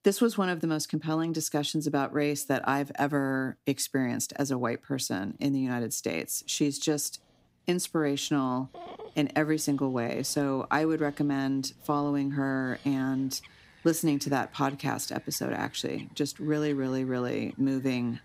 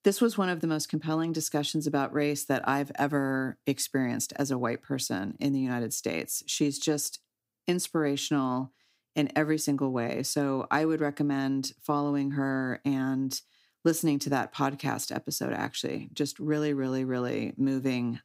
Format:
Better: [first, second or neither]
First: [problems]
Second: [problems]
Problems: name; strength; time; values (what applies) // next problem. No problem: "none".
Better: second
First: animal sounds; faint; throughout; 25 dB below the speech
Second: none